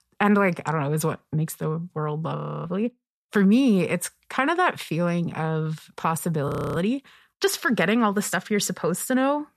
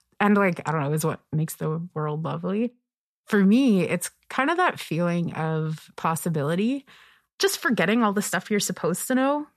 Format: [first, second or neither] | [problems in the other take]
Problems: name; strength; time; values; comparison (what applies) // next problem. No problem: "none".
second | audio freezing; at 2.5 s and at 6.5 s